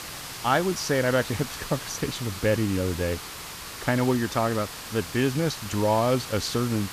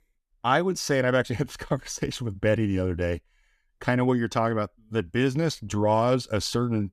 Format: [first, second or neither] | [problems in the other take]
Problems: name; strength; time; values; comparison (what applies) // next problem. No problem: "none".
second | hiss; loud; throughout; 9 dB below the speech